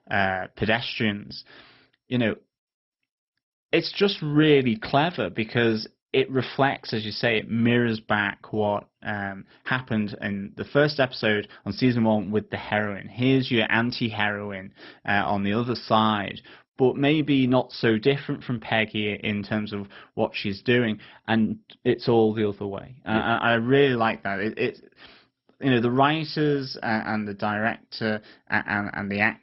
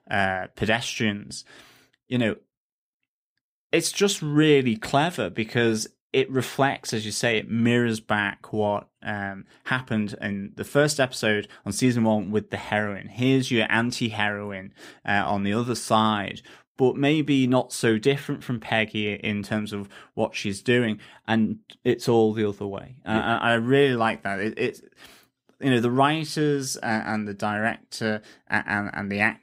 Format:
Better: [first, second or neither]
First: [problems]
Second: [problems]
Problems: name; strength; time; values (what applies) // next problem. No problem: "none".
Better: second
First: garbled, watery; badly; nothing above 5.5 kHz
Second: none